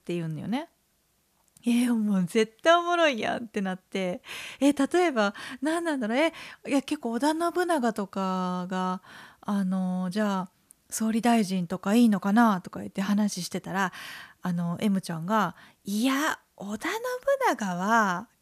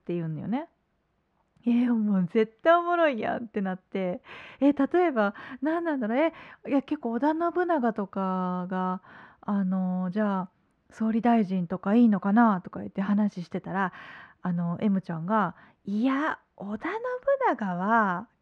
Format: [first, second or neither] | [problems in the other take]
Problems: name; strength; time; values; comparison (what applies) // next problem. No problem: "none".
first | muffled; very; fading above 1.5 kHz